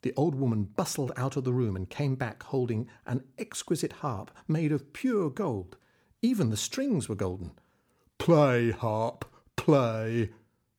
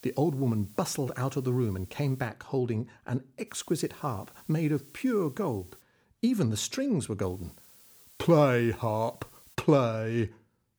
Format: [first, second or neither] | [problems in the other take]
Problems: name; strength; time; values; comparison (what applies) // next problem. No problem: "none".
first | hiss; faint; until 2.5 s, from 3.5 to 6 s and from 7 to 9.5 s; 25 dB below the speech